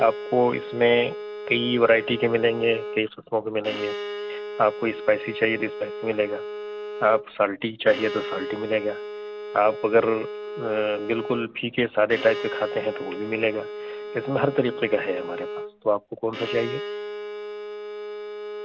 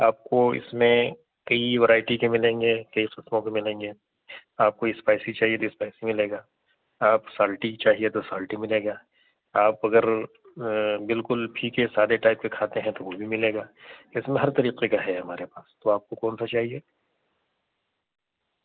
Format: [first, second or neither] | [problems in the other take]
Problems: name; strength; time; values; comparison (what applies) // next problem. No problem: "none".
second | background sound (Bowed string instrument); 9 dB below the speech